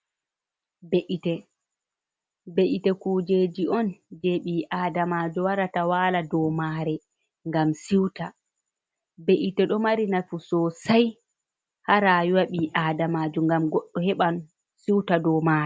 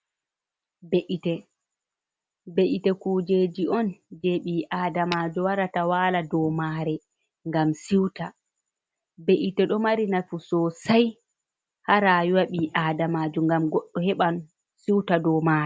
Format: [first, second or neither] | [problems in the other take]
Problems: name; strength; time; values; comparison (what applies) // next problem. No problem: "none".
first | background sound (Tap / Glass); 15 dB below the speech